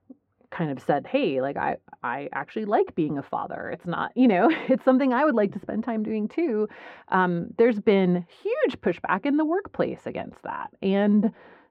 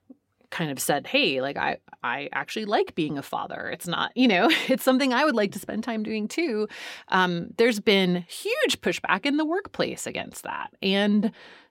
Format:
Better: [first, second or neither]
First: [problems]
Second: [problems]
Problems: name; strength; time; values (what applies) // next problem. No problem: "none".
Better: second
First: muffled; very; fading above 3.5 kHz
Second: none